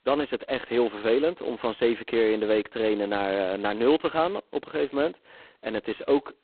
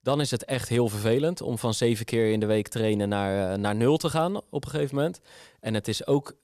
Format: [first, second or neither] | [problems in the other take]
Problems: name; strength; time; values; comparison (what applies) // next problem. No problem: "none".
second | phone-call audio; poor line; nothing above 4 kHz